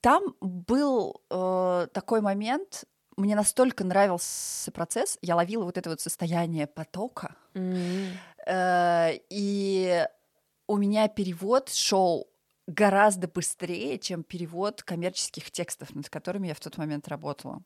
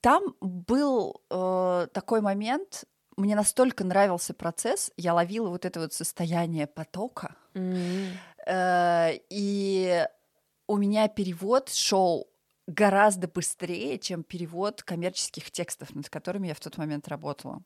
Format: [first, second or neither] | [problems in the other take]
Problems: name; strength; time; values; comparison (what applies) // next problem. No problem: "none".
second | audio freezing; at 4.5 s